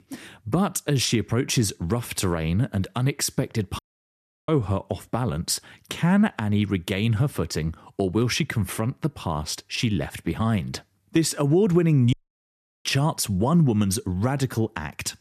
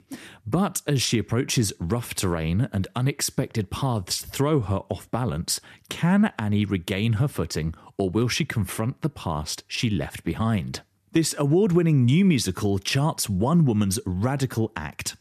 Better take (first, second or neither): second